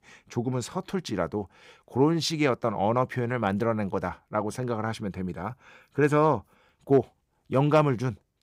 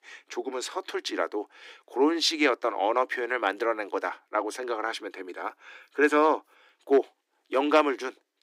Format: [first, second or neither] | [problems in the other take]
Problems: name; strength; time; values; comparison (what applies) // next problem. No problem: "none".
first | thin; somewhat; fading below 300 Hz